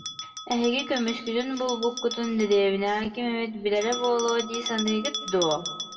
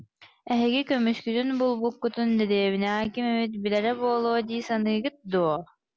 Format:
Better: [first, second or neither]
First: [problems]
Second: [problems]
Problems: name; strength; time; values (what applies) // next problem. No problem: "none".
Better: second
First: background sound (Bell); 10 dB below the speech // room echo; dies away in 1.1 s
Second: none